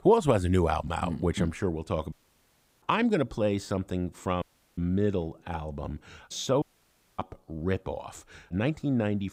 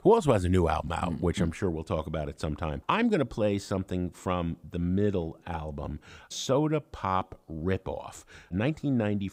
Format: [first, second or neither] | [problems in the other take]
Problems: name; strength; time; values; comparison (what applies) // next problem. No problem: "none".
second | audio cutting out; at 2 s for 0.5 s, at 4.5 s and at 6.5 s for 0.5 s